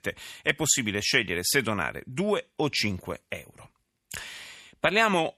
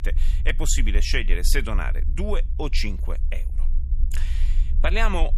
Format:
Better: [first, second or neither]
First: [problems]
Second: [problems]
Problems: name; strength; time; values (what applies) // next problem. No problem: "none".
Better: first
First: none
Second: low rumble; faint; throughout; 20 dB below the speech